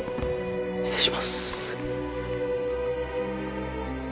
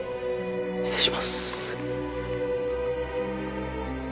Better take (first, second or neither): second